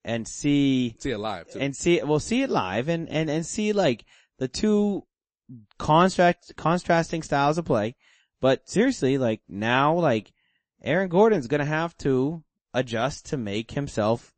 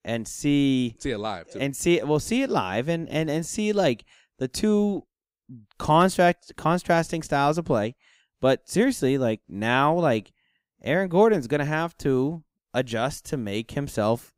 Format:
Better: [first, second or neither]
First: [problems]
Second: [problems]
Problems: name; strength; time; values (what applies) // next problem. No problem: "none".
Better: second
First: garbled, watery; slightly; nothing above 8 kHz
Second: none